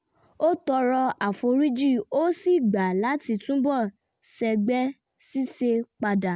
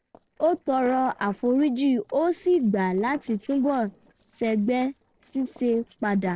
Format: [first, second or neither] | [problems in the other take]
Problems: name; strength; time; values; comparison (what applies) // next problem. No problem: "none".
first | noise reduction (neural separator model SepFormer DNS4)